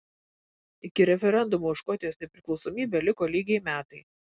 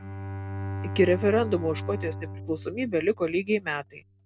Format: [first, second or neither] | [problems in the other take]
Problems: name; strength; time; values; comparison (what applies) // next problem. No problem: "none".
first | background sound (Bowed string instrument); 8 dB below the speech